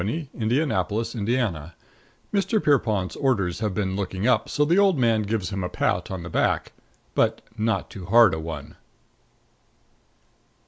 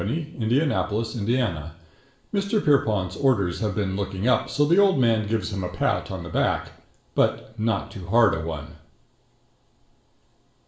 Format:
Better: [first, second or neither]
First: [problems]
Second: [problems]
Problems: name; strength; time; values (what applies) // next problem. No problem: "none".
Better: first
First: none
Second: room echo; dies away in 0.5 s